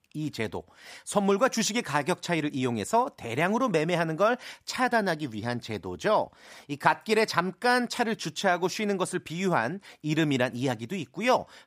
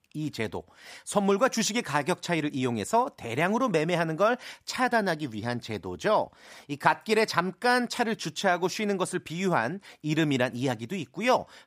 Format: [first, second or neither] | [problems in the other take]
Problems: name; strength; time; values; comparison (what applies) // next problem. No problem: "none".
neither | none